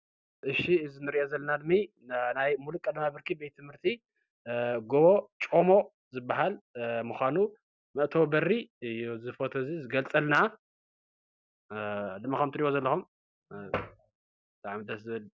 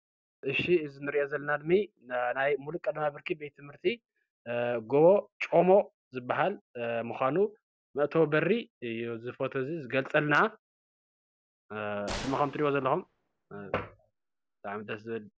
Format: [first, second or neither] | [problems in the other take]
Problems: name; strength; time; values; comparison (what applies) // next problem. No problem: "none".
first | background sound (Gunshot, gunfire); 16 dB below the speech